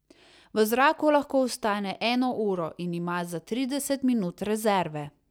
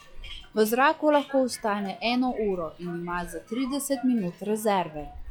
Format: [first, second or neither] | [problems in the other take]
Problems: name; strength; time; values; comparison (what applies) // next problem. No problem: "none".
first | noise reduction (classical method log-MMSE)